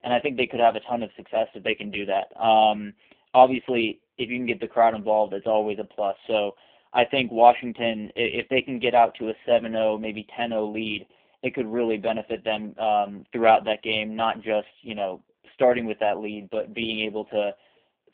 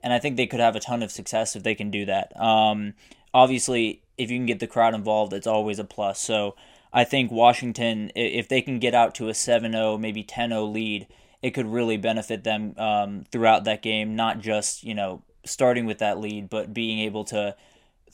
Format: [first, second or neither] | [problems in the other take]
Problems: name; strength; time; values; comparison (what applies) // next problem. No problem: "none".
second | phone-call audio; poor line; nothing above 3.5 kHz